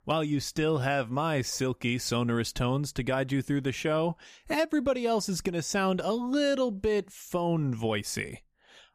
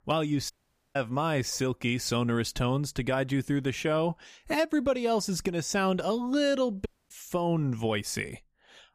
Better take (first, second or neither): first